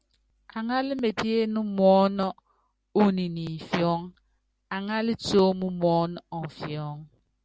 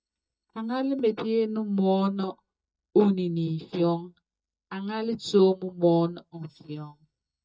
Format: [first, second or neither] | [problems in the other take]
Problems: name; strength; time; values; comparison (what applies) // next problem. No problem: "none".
first | noise reduction (neural mask model DeepFilterNet 3)